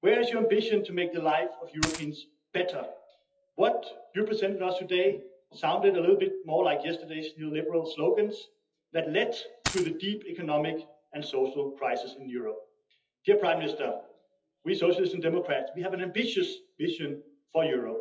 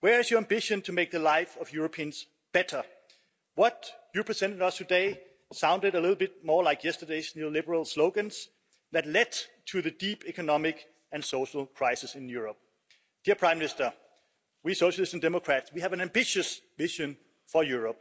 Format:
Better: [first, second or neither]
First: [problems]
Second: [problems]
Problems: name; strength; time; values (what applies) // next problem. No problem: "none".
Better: second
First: noise reduction (classical method WPE with log-MMSE)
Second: none